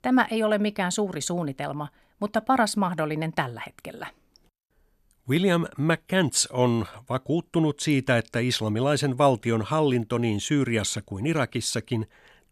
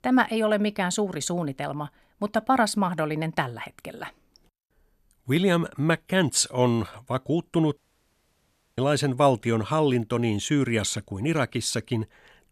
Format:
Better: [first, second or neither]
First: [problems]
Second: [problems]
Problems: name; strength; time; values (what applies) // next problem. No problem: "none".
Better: first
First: none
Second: audio cutting out; at 8 s for 1 s